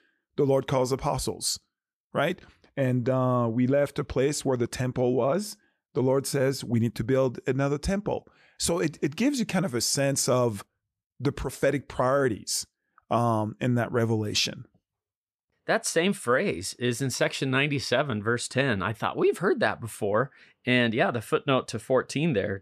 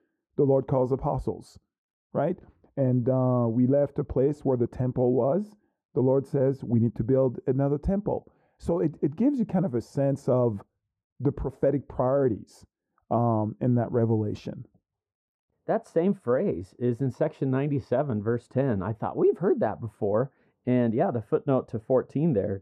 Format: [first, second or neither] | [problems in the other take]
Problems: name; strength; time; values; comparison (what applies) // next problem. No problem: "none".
first | muffled; very; fading above 1.5 kHz